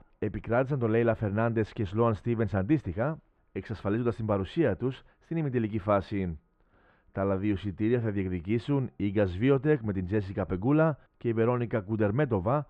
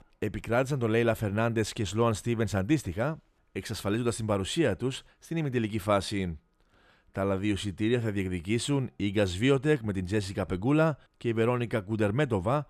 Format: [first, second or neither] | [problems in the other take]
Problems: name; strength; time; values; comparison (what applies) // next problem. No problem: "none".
second | muffled; very; fading above 1.5 kHz